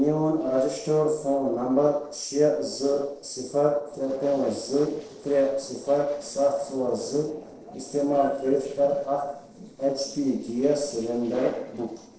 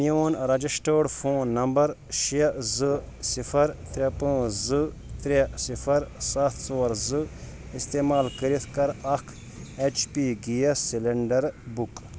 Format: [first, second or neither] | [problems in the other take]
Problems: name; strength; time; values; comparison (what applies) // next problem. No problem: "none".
second | noise reduction (neural separator model SepFormer DNS4)